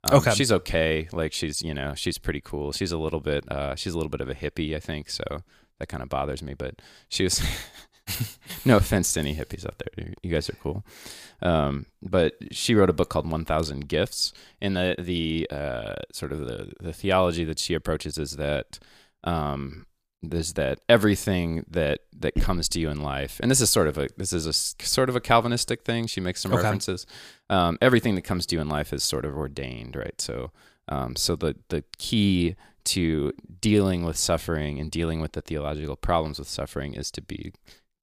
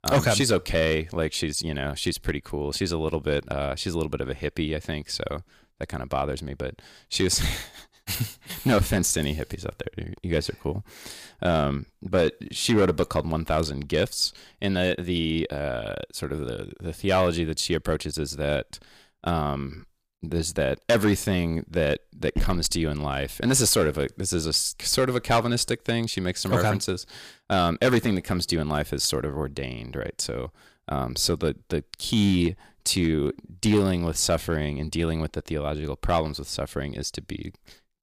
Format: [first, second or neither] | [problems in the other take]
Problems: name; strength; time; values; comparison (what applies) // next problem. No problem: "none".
first | distortion; slight; 2% of the sound clipped